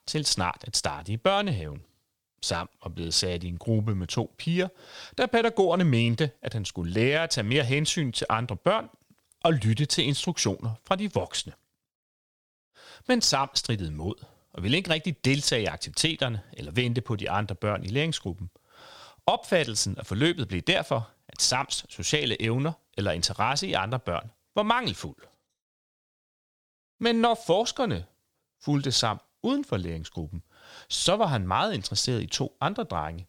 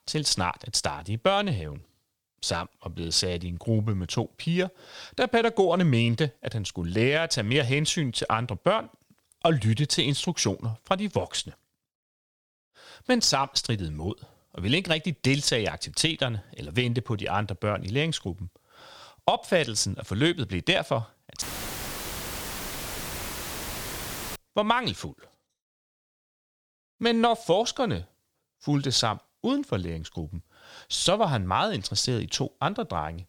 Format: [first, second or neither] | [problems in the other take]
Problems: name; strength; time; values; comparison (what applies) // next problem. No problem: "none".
first | audio cutting out; filled with static; at 21 s for 3 s